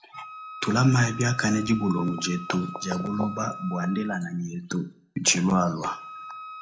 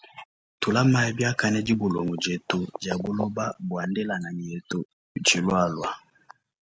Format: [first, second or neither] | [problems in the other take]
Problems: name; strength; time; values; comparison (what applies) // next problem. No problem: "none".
second | background sound (Wind instrument, woodwind instrument); 15 dB below the speech // room echo; dies away in 0.3 s